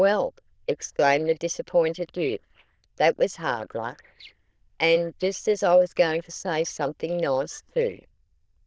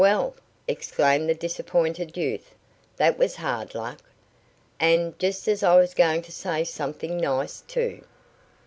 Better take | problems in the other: second | noise reduction (neural diffusion model UNIVERSE++)

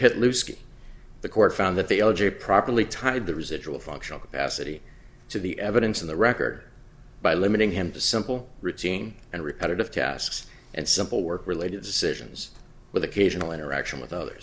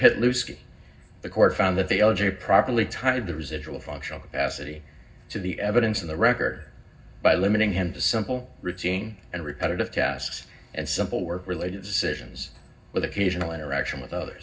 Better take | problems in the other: first | room echo; dies away in 0.4 s

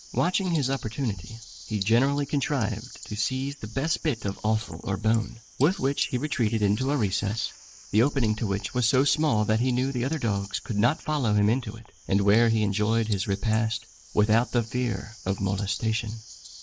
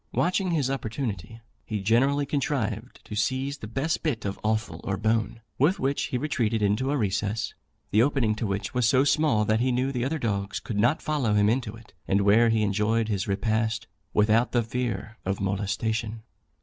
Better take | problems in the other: second | noise reduction (neural mask model Resemble Enhance denoiser)

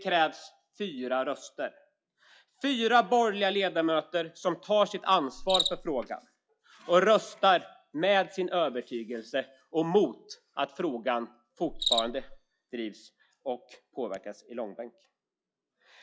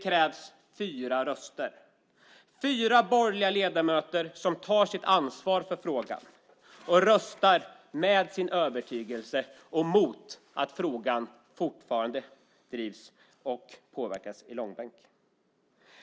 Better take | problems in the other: second | noise reduction (classical method log-MMSE)

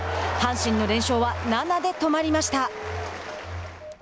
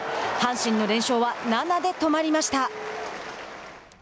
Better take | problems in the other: second | background sound (Telephone); 10 dB below the speech

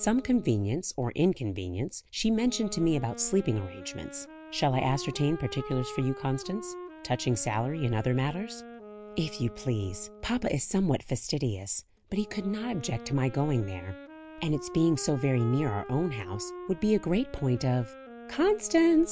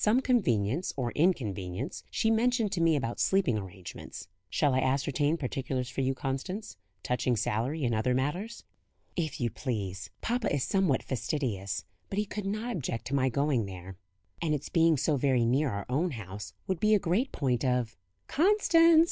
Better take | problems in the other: second | background sound (Wind instrument, woodwind instrument); 15 dB below the speech

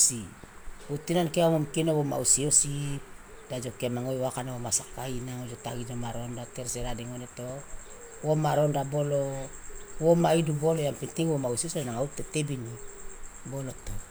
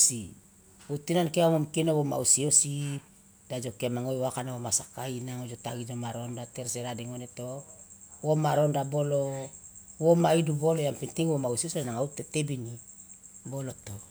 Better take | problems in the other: second | background sound (Bird); 13 dB below the speech

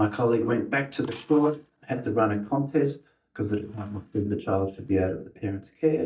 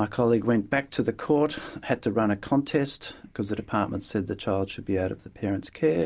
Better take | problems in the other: second | noise reduction (neural mask model DeepFilterNet 3)

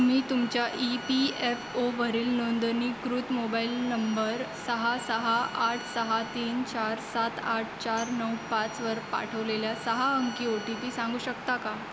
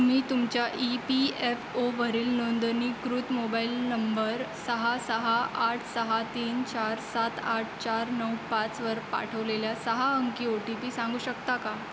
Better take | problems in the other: second | background sound (Tambourine + Bowed string instrument); 19 dB below the speech

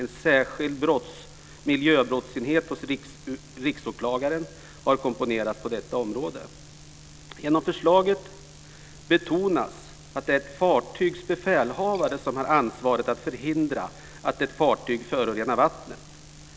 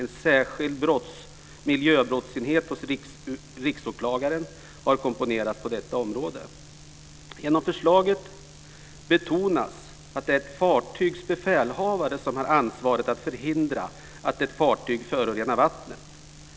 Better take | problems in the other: second | background sound (Liquid); 17 dB below the speech

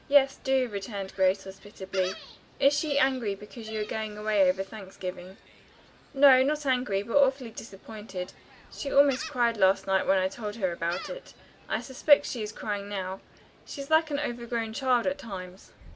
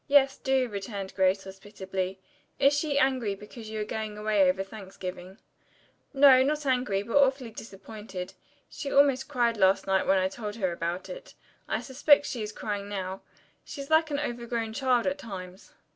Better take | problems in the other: second | background sound (Gull, seagull); 20 dB below the speech

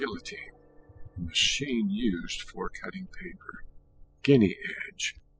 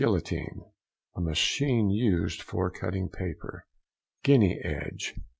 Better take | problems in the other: second | noise reduction (classical method spectral subtraction)

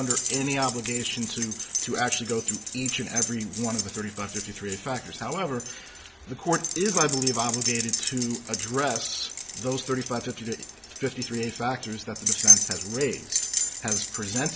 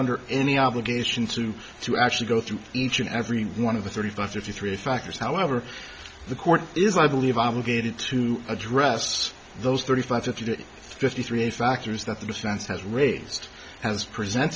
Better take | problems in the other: second | background sound (Keys jangling); as loud as the speech

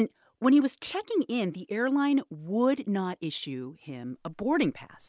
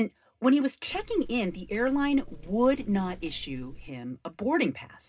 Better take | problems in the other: first | background sound (Walk, footsteps); 14 dB below the speech // room echo; dies away in 0.2 s

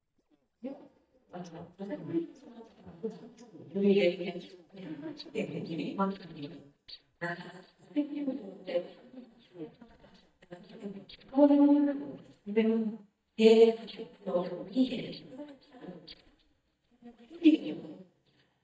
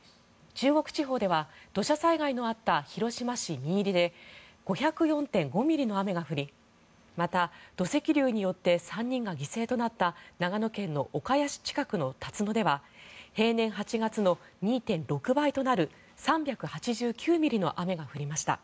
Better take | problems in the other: second | noise reduction (neural mask model DeepFilterNet 3)

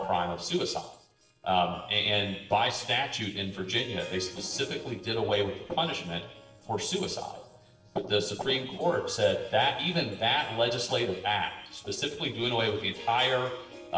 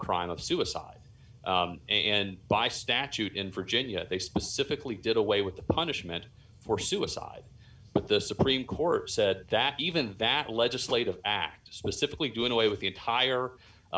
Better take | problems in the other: second | noise reduction (neural separator model SepFormer DNS4)

